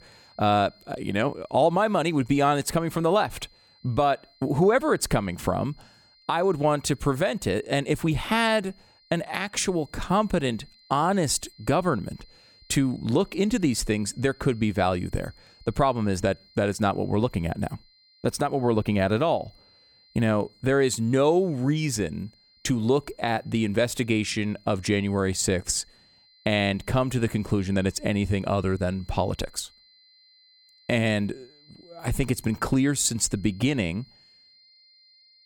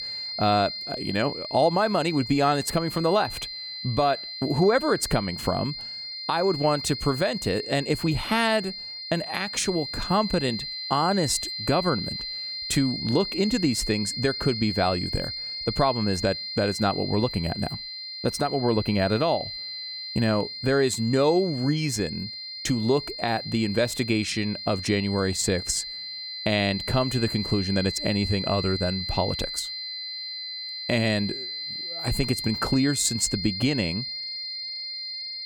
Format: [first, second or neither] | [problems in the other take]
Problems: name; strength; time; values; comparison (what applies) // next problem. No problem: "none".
first | high-pitched whine; loud; throughout; 4 kHz, 6 dB below the speech; faint in the first